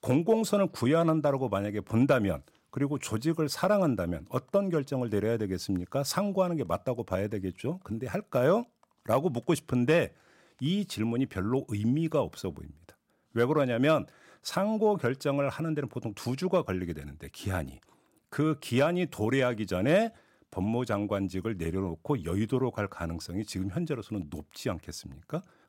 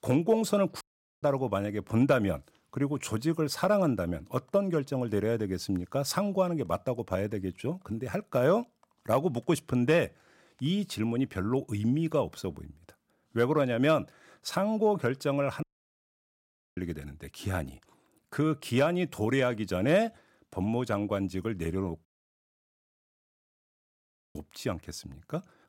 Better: first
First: none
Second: audio cutting out; at 1 s, at 16 s for 1 s and at 22 s for 2.5 s

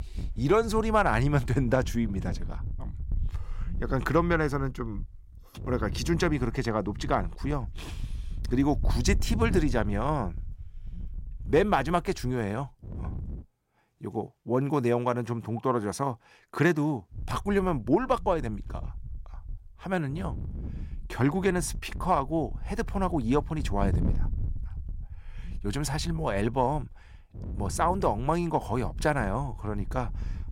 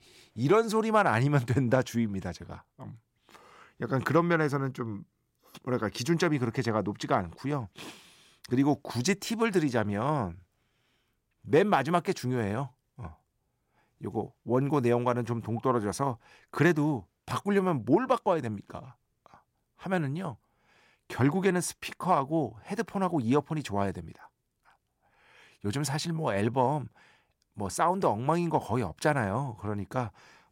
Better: second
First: wind noise on the microphone; occasional gusts; until 13 s and from 17 s on; 20 dB below the speech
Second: none

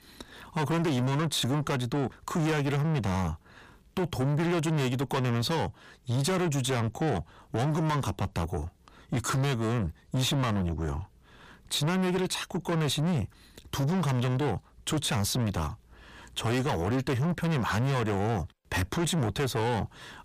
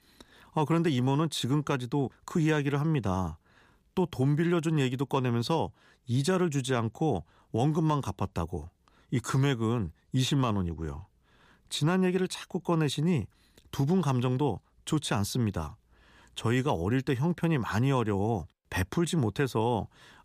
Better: second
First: distortion; heavy; 6 dB below the speech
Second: none

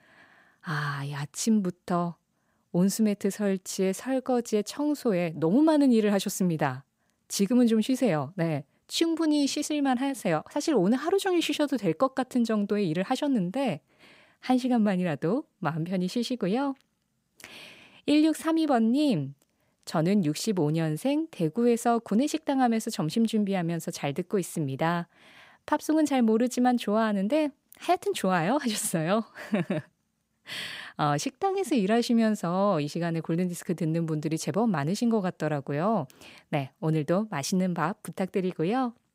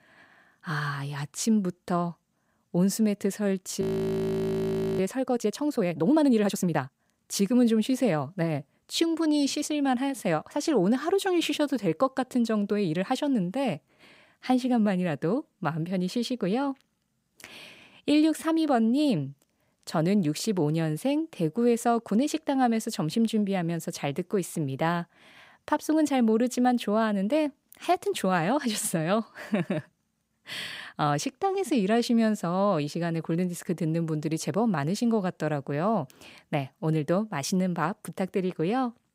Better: first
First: none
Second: audio freezing; at 4 s for 1 s

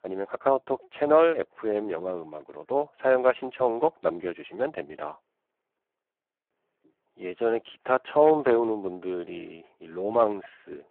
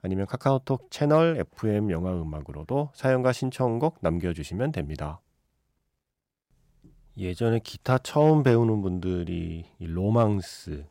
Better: second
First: phone-call audio; poor line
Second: none

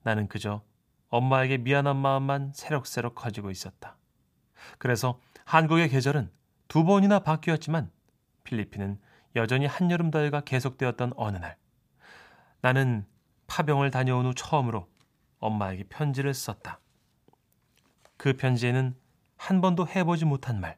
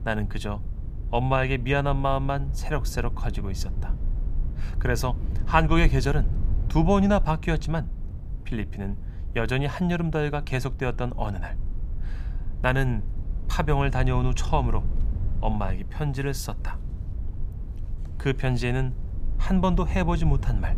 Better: first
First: none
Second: low rumble; noticeable; throughout; 20 dB below the speech

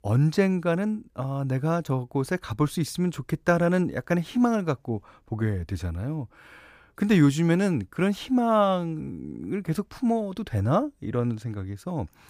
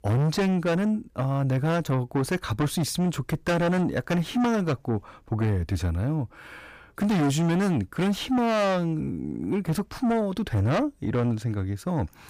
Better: first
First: none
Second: distortion; heavy; 7 dB below the speech

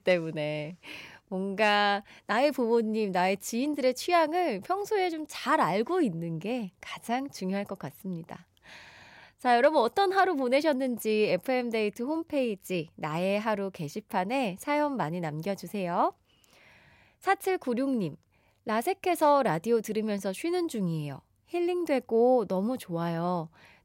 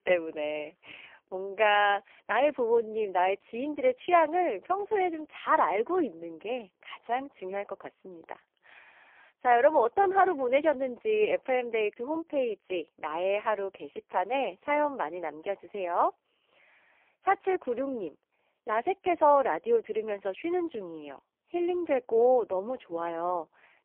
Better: first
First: none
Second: phone-call audio; poor line; nothing above 3 kHz

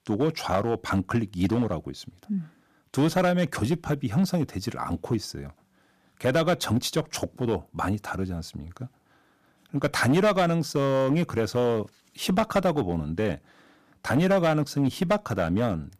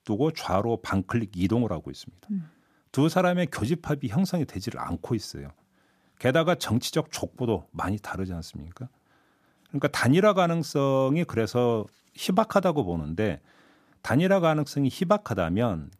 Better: second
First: distortion; slight; 4% of the sound clipped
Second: none

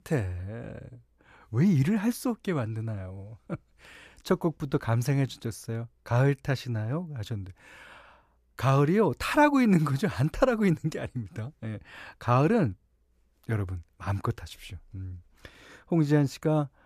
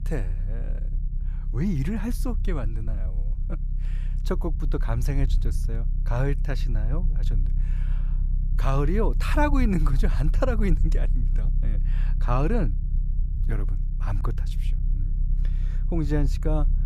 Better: first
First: none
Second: low rumble; noticeable; throughout; 15 dB below the speech

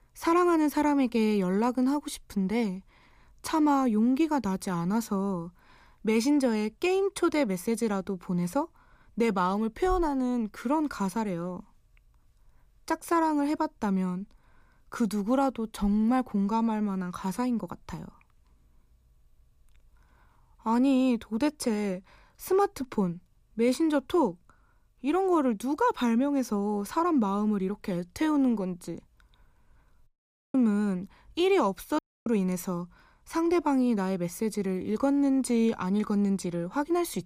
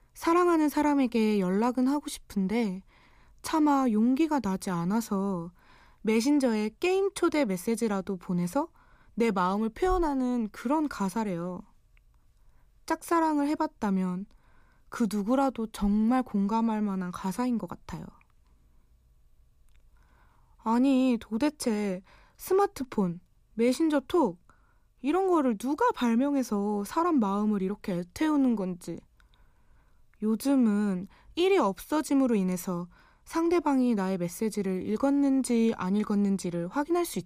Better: second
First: audio cutting out; at 30 s and at 32 s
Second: none

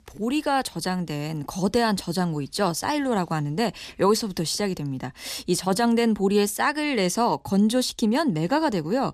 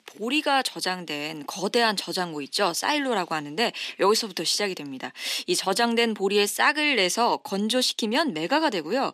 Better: first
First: none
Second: thin; very slightly; fading below 250 Hz

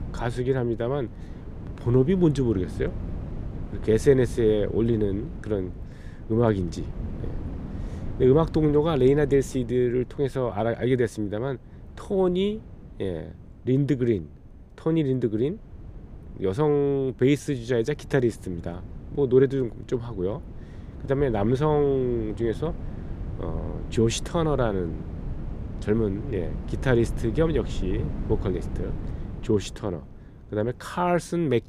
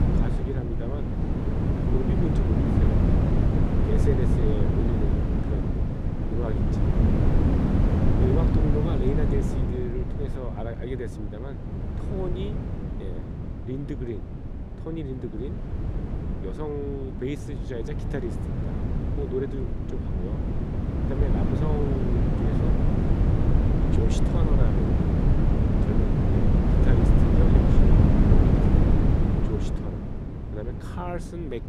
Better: first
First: wind noise on the microphone; occasional gusts; 20 dB below the speech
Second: wind noise on the microphone; heavy; 3 dB above the speech

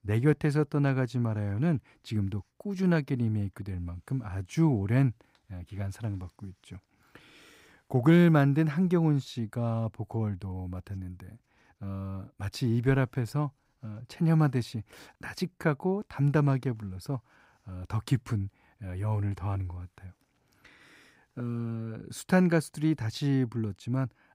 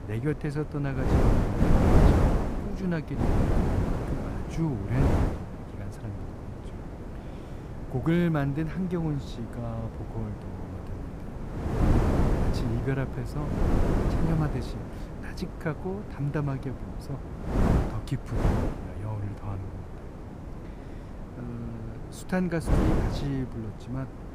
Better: first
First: none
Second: wind noise on the microphone; heavy; 2 dB above the speech

